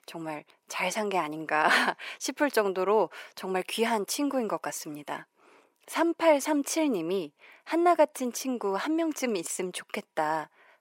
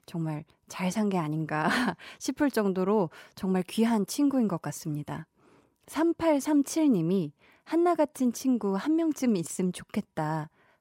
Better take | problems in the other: second | thin; somewhat; fading below 500 Hz

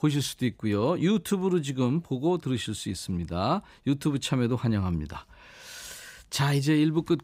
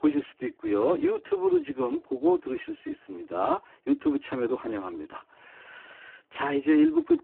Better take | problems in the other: first | phone-call audio; poor line

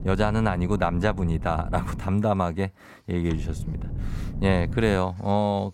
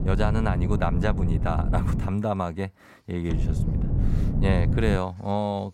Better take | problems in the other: first | wind noise on the microphone; heavy; until 2 s and from 3.5 to 5 s; 8 dB below the speech; occasional gusts in the first

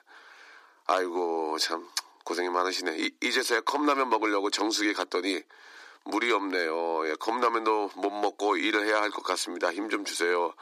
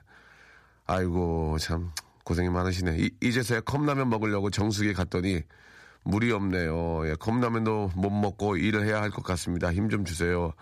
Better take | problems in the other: second | thin; very; fading below 300 Hz

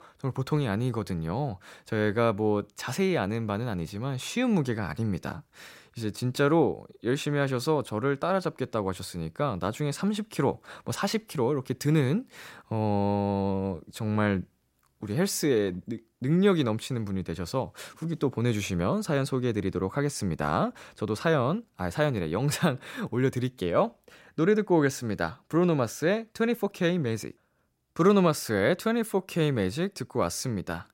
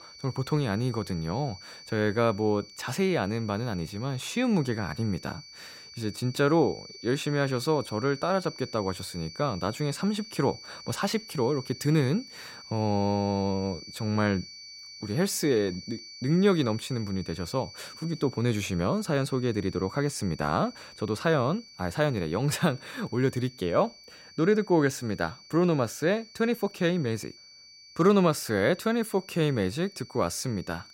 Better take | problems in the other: first | high-pitched whine; noticeable; throughout; 4.5 kHz, 15 dB below the speech

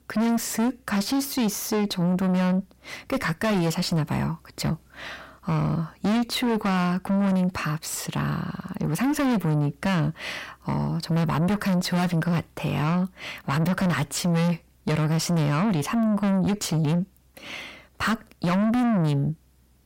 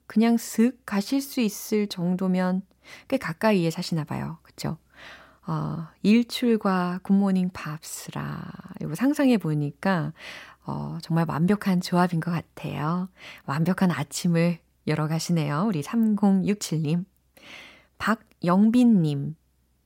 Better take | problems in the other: second | distortion; heavy; 6 dB below the speech

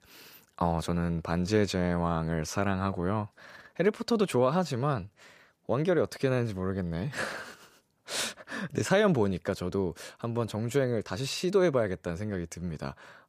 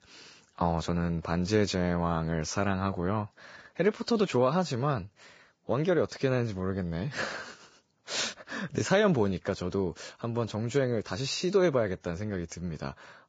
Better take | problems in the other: first | garbled, watery; badly; nothing above 7.5 kHz

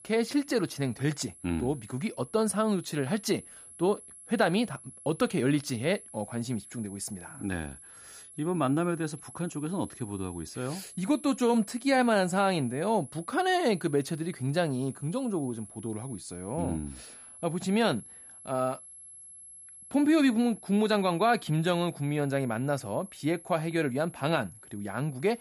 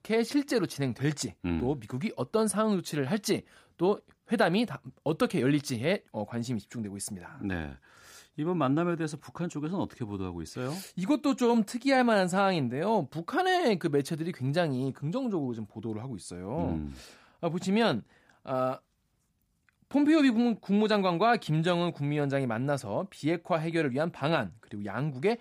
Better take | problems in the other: second | high-pitched whine; noticeable; throughout; 11 kHz, 15 dB below the speech

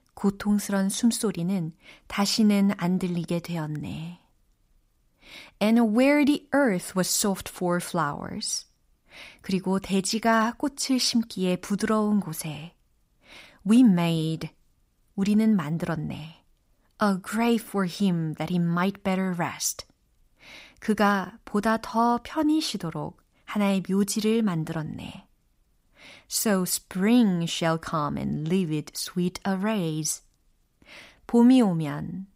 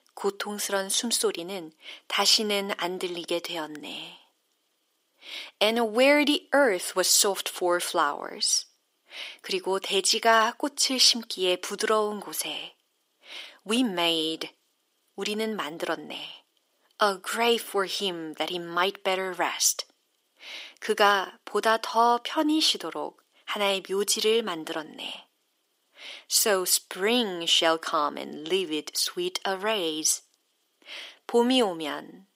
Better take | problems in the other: first | thin; somewhat; fading below 350 Hz

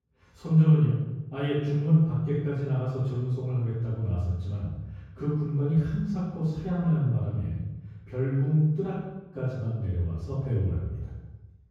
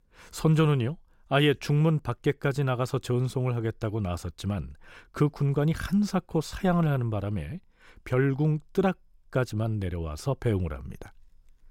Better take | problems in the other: second | room echo; strong; dies away in 1.4 s // off-mic speech; far

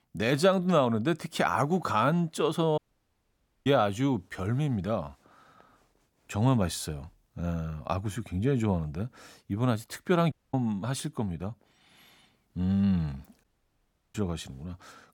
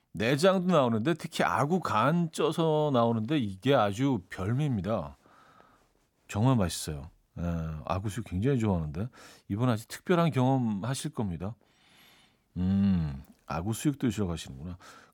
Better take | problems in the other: second | audio cutting out; at 3 s for 1 s, at 10 s and at 13 s for 0.5 s

